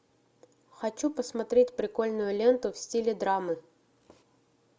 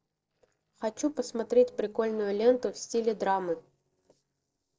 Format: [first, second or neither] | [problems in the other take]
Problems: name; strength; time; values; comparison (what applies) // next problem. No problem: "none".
first | noise reduction (neural separator model SepFormer DNS4)